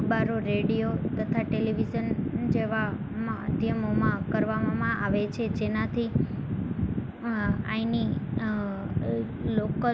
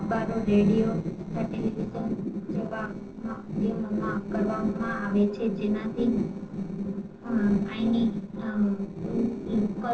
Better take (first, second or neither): first